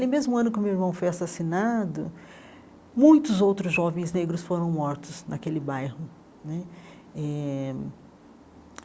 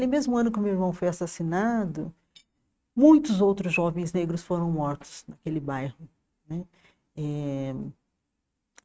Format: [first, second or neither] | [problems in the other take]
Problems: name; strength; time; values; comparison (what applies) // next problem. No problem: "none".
first | noise reduction (neural mask model RNNoise)